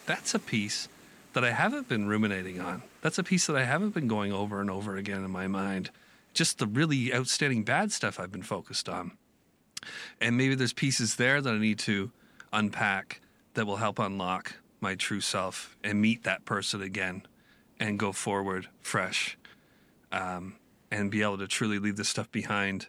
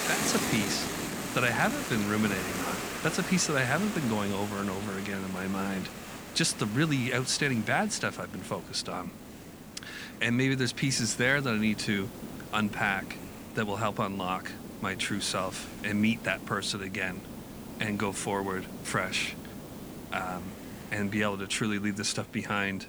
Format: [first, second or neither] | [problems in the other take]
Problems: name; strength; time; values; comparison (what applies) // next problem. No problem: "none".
first | hiss; loud; throughout; 9 dB below the speech; faint in the first